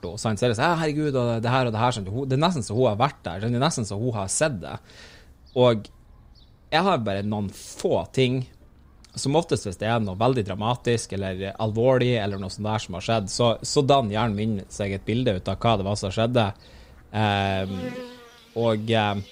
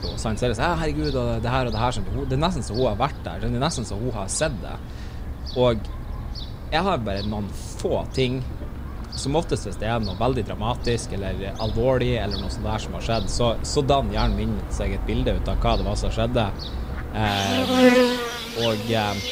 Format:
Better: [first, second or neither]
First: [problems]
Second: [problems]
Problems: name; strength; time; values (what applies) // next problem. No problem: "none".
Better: first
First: animal sounds; faint; throughout; 25 dB below the speech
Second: animal sounds; loud; throughout; 4 dB below the speech